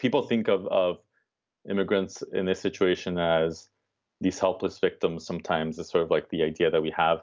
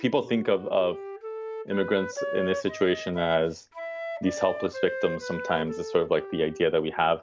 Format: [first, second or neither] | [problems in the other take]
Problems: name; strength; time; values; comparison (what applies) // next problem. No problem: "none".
first | background sound (Wind instrument, woodwind instrument); 9 dB below the speech